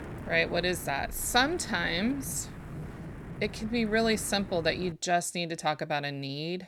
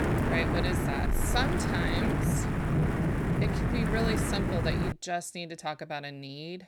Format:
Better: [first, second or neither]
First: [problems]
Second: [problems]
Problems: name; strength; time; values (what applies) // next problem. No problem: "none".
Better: first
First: wind noise on the microphone; occasional gusts; until 5 s; 20 dB below the speech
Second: wind noise on the microphone; heavy; until 5 s; 1 dB above the speech